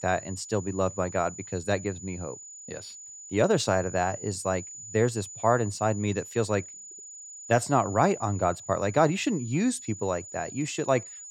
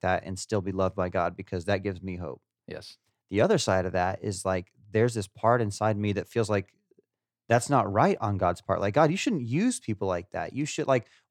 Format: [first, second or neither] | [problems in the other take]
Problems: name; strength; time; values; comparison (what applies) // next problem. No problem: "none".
second | high-pitched whine; noticeable; throughout; 7 kHz, 15 dB below the speech